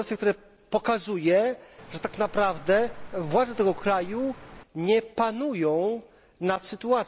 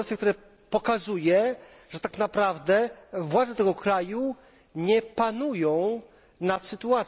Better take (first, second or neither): second